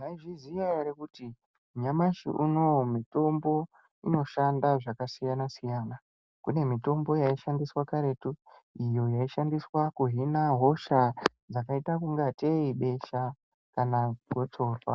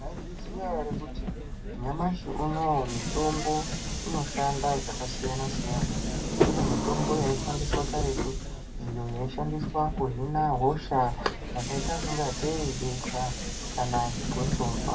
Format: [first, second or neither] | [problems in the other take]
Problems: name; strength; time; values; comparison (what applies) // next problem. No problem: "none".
first | background sound (Subway, metro, underground); 1 dB below the speech // room echo; dies away in 0.2 s